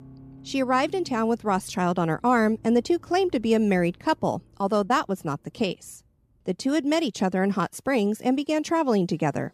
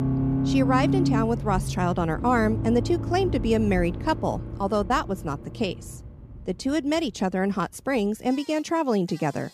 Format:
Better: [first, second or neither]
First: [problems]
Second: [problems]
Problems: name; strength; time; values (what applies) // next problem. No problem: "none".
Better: first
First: traffic noise; faint; throughout; 25 dB below the speech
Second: traffic noise; loud; throughout; 3 dB below the speech